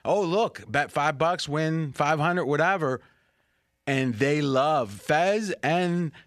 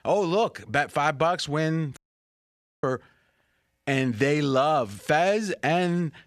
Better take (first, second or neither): first